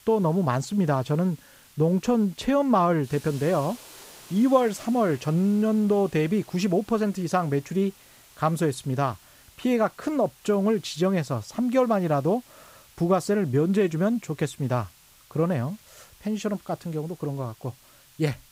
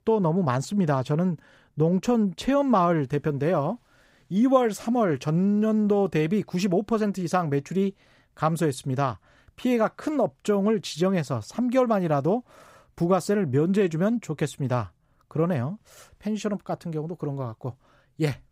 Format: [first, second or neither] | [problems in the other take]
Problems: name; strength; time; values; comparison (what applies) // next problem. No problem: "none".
second | hiss; faint; throughout; 25 dB below the speech